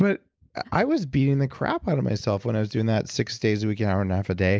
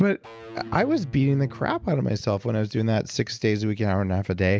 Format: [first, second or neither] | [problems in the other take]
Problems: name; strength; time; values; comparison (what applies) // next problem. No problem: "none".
first | background sound (Electric guitar / Bass guitar); 18 dB below the speech